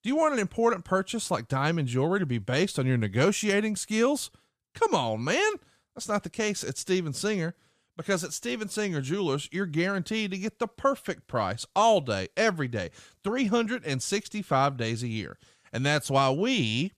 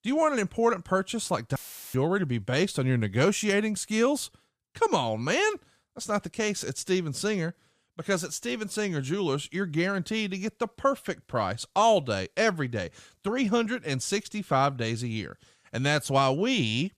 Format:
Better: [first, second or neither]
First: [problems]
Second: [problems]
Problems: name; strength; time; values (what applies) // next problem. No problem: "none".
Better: first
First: none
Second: audio cutting out; filled with static; at 1.5 s